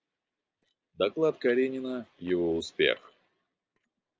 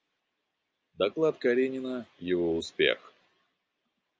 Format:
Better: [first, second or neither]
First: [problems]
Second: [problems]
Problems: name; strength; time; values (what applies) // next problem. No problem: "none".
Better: second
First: noise reduction (neural separator model SepFormer DNS4)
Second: none